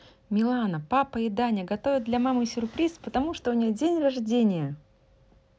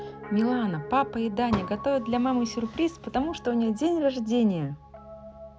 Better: first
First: none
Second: background sound (Fireworks + Piano); 13 dB below the speech

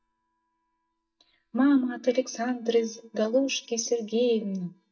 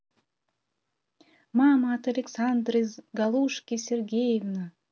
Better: second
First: noise reduction (neural mask model DeepFilterNet 3)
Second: none

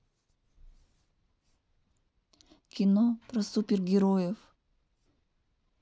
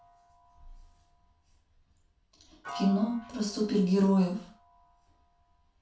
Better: first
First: none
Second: background sound (Piano); 18 dB below the speech // room echo; dies away in 0.3 s

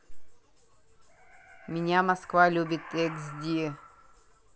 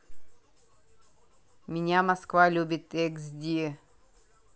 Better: second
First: background sound (Animal); 17 dB below the speech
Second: none

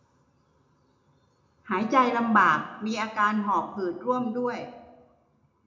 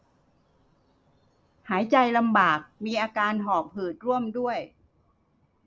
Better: second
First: room echo; dies away in 0.6 s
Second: none

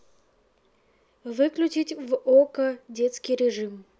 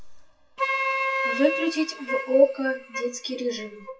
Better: first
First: none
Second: noise reduction (classical method WPE with log-MMSE)

